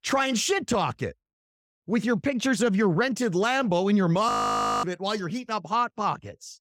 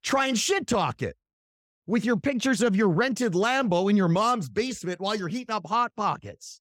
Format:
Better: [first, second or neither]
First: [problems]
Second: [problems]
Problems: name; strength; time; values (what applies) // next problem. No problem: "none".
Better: second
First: audio freezing; at 4.5 s for 0.5 s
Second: none